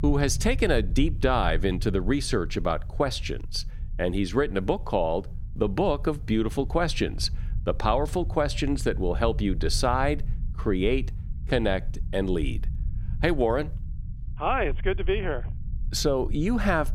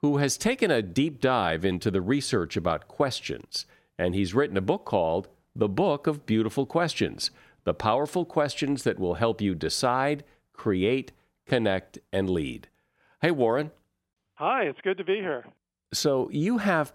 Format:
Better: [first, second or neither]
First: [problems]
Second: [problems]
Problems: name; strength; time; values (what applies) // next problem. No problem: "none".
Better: second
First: low rumble; faint; throughout; 25 dB below the speech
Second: none